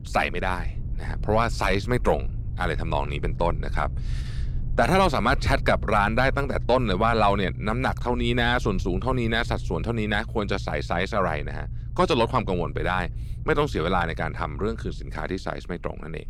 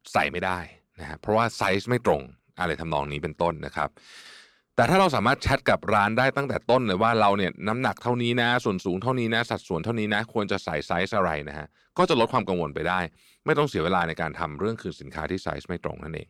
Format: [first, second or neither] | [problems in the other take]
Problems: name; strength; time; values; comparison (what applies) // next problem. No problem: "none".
second | low rumble; faint; throughout; 25 dB below the speech